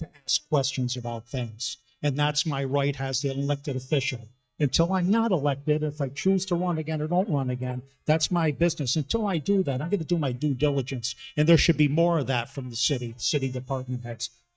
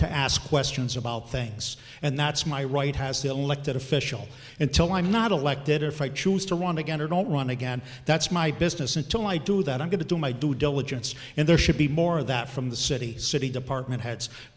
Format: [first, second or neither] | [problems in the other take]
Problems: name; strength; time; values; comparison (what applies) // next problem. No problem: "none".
second | noise reduction (neural mask model DeepFilterNet 3)